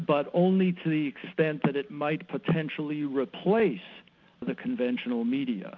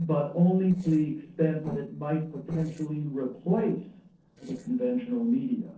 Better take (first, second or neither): first